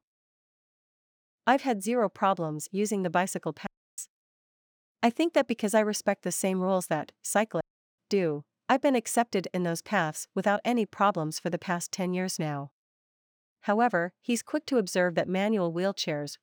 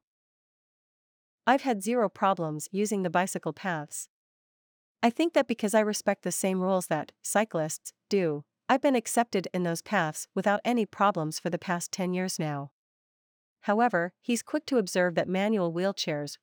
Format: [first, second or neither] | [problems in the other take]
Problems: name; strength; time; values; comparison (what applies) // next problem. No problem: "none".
second | audio cutting out; at 3.5 s and at 7.5 s